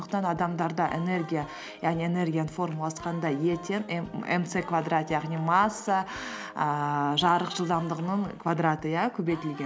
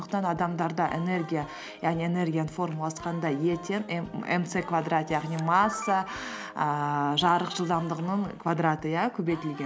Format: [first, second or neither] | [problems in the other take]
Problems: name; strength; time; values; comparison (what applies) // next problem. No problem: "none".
first | background sound (Camera); 14 dB below the speech